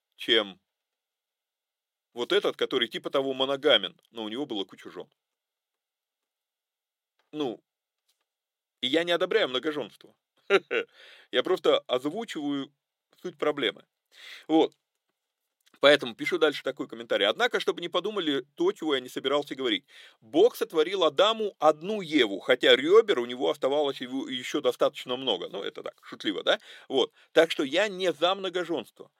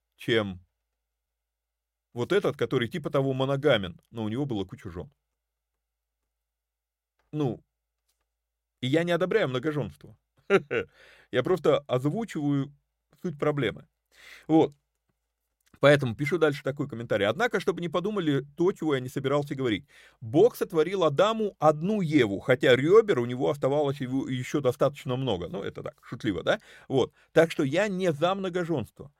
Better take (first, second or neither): second